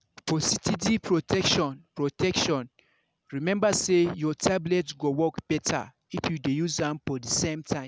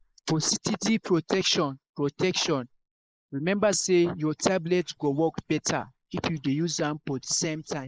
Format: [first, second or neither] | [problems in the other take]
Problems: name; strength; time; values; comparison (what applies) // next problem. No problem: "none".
first | noise reduction (neural mask model Resemble Enhance denoiser)